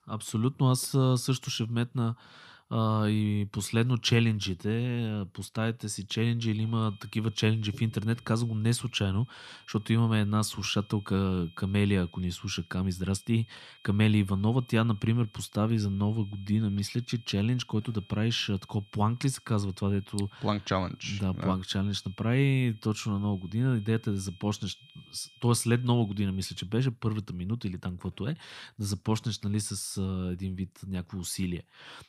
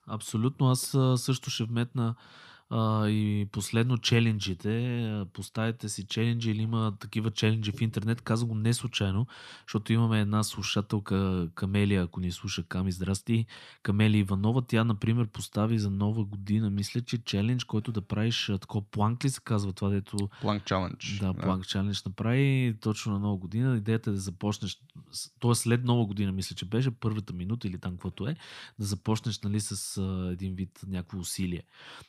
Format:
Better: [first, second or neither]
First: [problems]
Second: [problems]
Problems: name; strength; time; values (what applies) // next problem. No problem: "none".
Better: second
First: high-pitched whine; faint; from 6.5 to 27 s; 3 kHz, 25 dB below the speech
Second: none